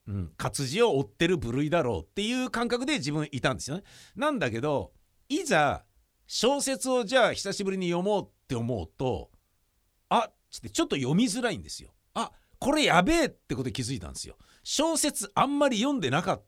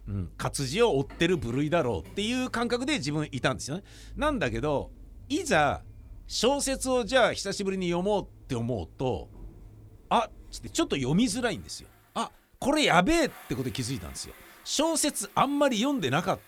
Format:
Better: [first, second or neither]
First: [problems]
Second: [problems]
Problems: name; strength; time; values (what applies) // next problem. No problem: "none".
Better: first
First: none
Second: traffic noise; faint; throughout; 20 dB below the speech